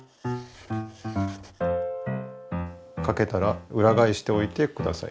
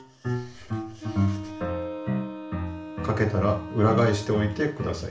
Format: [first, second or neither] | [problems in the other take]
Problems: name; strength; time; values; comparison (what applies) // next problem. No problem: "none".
first | background sound (Wind instrument, woodwind instrument); 13 dB below the speech // room echo; dies away in 0.4 s